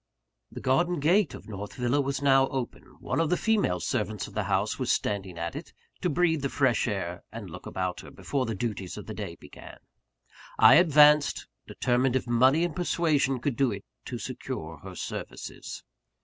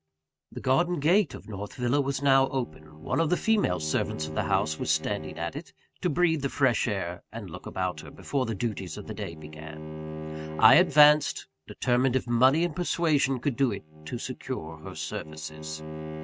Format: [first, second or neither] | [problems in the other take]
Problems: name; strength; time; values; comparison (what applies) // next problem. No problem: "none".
first | noise reduction (neural mask model RNNoise)